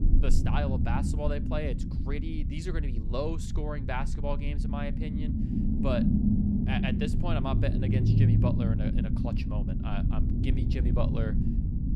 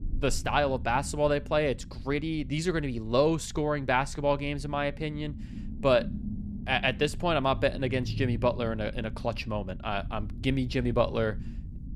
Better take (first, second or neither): second